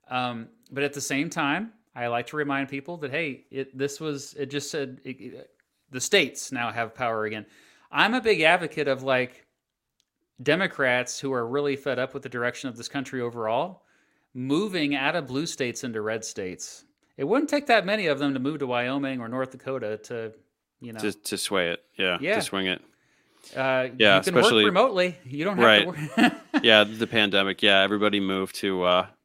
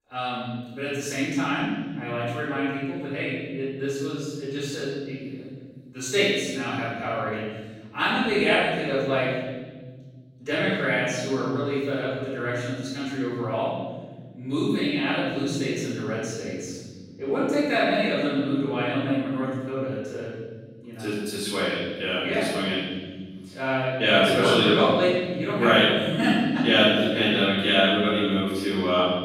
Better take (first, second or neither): first